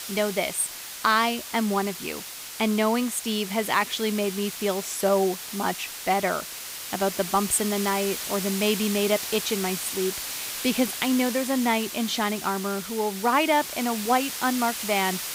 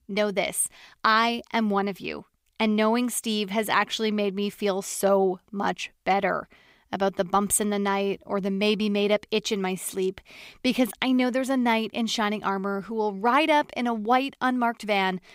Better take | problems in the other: second | hiss; loud; throughout; 7 dB below the speech

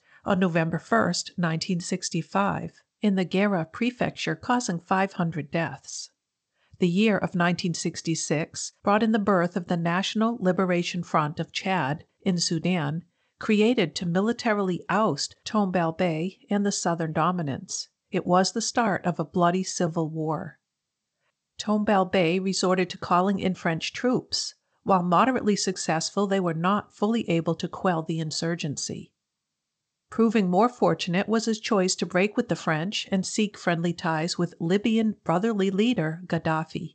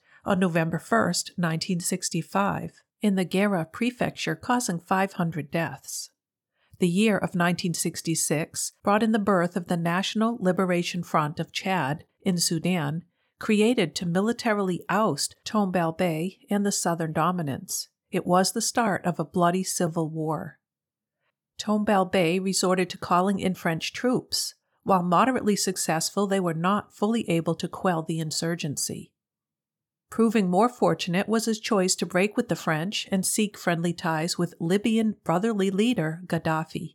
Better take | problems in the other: second | garbled, watery; slightly; nothing above 8 kHz

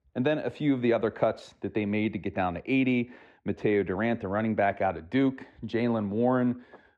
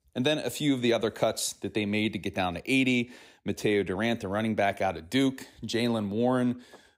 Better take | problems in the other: second | muffled; very; fading above 1.5 kHz

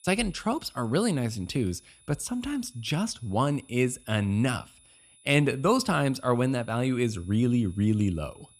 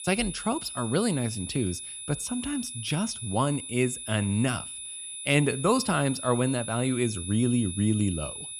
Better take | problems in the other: first | high-pitched whine; loud; throughout; 10 kHz, 8 dB below the speech; faint in the first

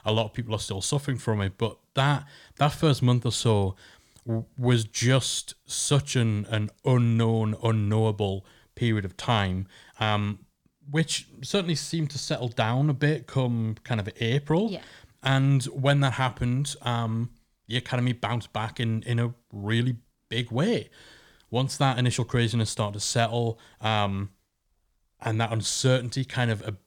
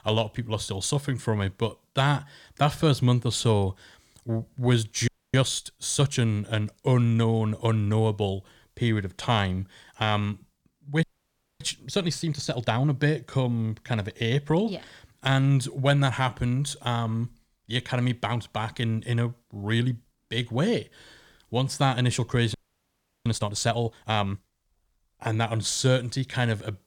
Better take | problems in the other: first | audio freezing; at 5 s, at 11 s for 0.5 s and at 23 s for 0.5 s

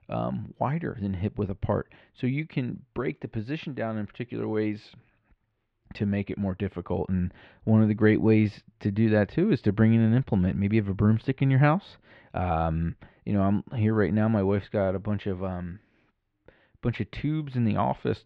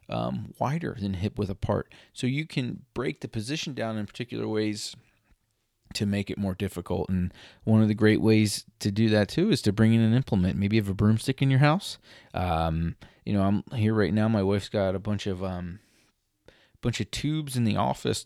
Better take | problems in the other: second | muffled; very; fading above 2.5 kHz

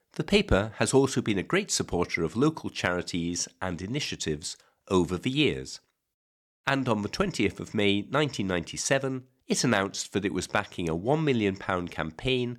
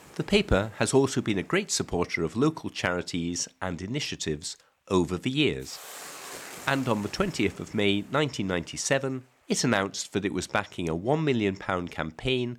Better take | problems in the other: first | hiss; noticeable; throughout; 15 dB below the speech

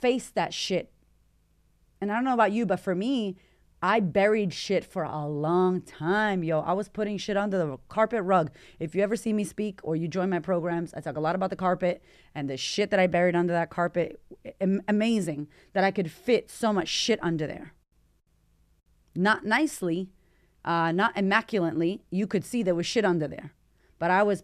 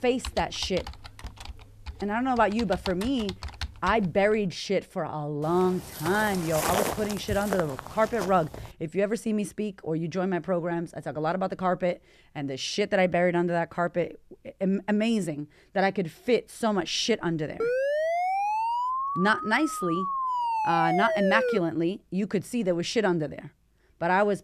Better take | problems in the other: first | keyboard typing; noticeable; until 4.5 s; peak 9 dB below the speech // footsteps; loud; from 5.5 to 8.5 s; peak 1 dB above the speech // siren; loud; from 18 to 22 s; peak 1 dB above the speech

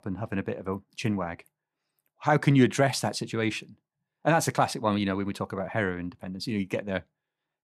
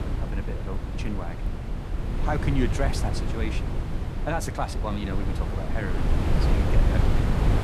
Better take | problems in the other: first | wind noise on the microphone; heavy; 2 dB below the speech

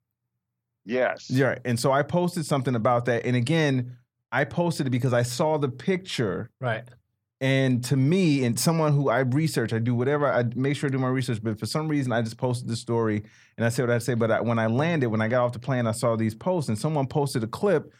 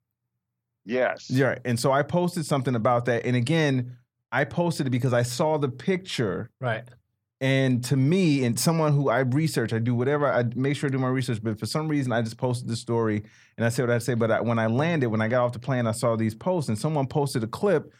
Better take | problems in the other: neither | none

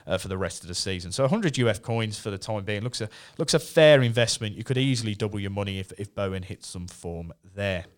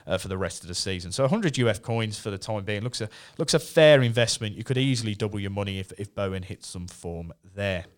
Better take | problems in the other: neither | none

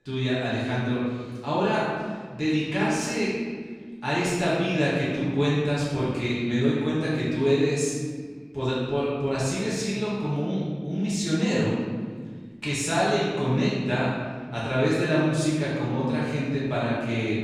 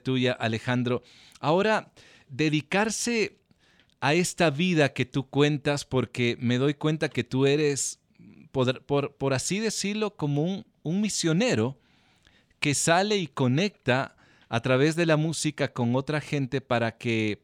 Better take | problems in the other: second | room echo; strong; dies away in 1.6 s // off-mic speech; far

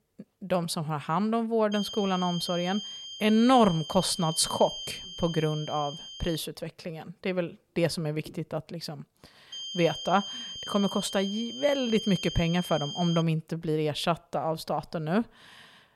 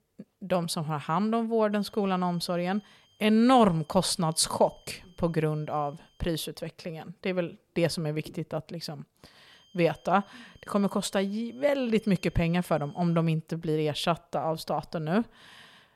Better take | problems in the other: second | high-pitched whine; loud; from 1.5 to 6.5 s and from 9.5 to 13 s; 3 kHz, 8 dB below the speech; faint in the second

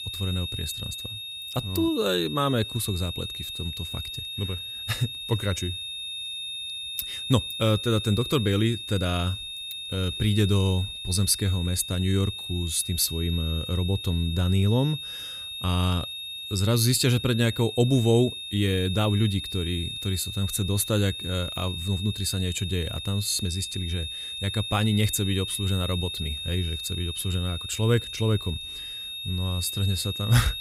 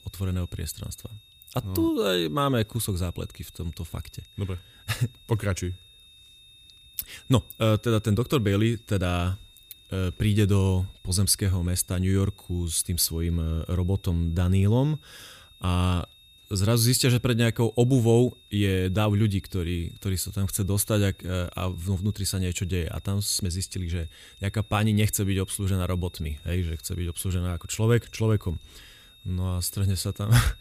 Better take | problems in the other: second | high-pitched whine; loud; throughout; 3.5 kHz, 6 dB below the speech; faint in the second

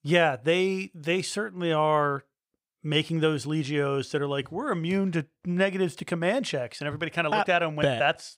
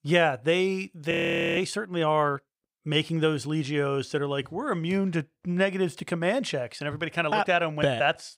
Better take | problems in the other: first | audio freezing; at 1 s

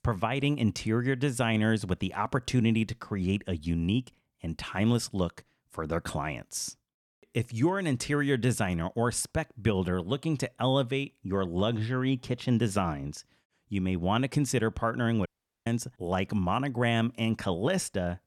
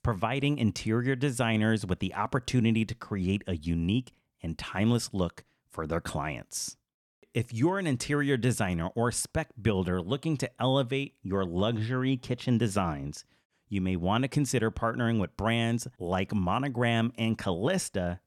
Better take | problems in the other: second | audio cutting out; at 15 s

